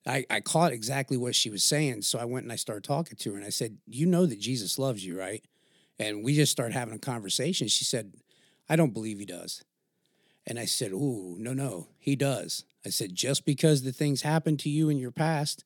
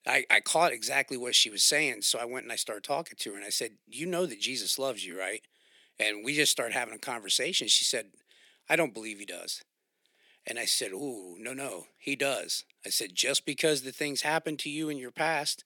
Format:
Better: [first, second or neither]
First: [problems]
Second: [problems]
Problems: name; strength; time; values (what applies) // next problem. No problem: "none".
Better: first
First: none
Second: thin; somewhat; fading below 450 Hz